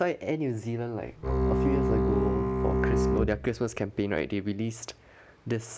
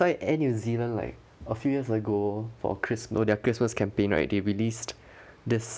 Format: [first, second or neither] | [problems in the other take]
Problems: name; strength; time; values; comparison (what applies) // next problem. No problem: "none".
second | background sound (Bowed string instrument); 5 dB above the speech